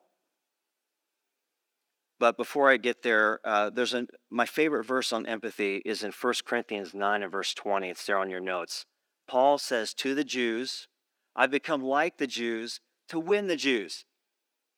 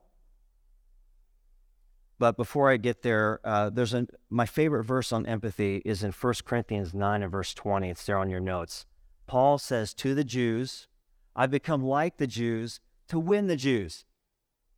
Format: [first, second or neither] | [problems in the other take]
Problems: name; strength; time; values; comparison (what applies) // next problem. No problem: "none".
second | thin; very slightly; fading below 250 Hz